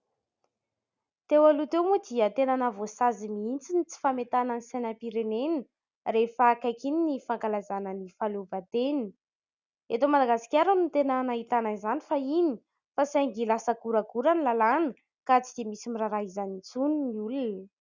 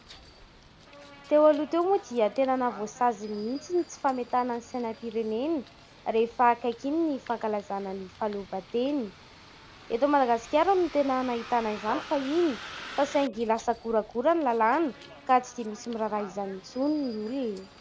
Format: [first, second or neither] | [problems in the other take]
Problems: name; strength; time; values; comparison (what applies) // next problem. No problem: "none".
first | background sound (Bus); 18 dB below the speech